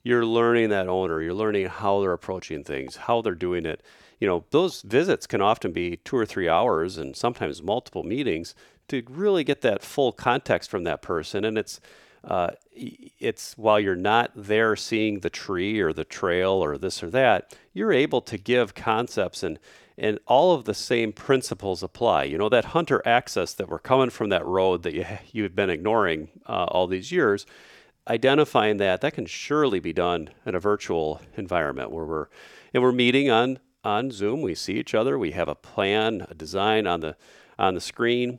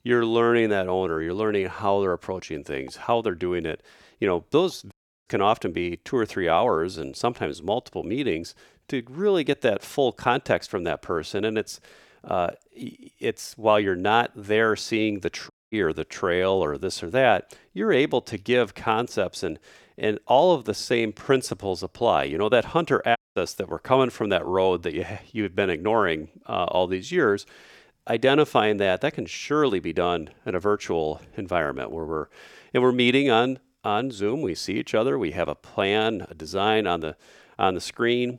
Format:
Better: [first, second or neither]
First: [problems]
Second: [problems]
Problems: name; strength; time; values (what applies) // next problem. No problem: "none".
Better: first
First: none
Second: audio cutting out; at 5 s, at 16 s and at 23 s